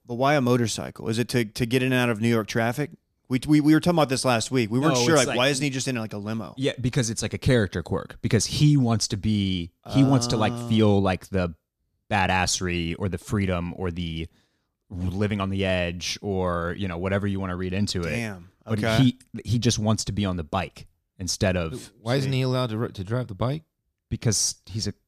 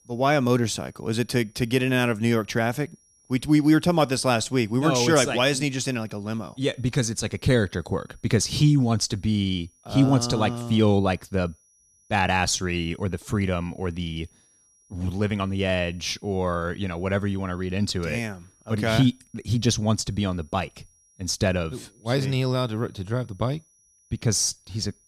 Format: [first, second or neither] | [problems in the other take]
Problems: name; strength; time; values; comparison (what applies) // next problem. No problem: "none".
first | high-pitched whine; faint; throughout; 5.5 kHz, 35 dB below the speech